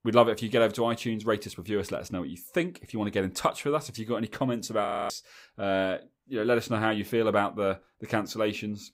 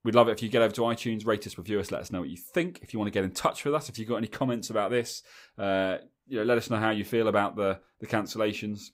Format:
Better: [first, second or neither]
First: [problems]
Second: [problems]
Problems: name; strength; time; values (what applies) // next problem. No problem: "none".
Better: second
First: audio freezing; at 5 s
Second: none